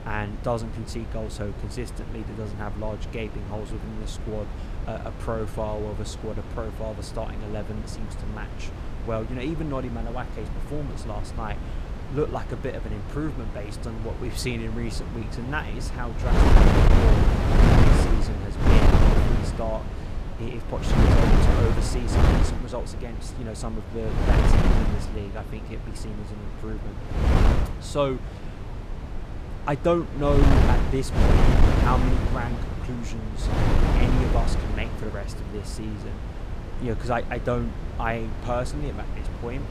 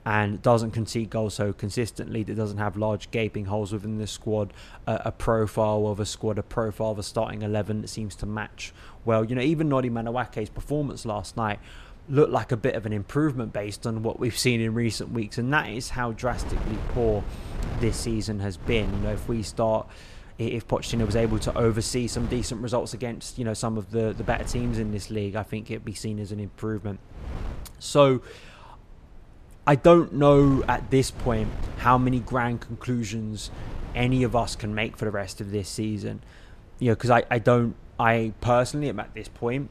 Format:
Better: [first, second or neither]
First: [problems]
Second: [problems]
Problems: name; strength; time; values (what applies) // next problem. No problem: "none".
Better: second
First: wind noise on the microphone; heavy; 1 dB above the speech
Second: wind noise on the microphone; occasional gusts; 20 dB below the speech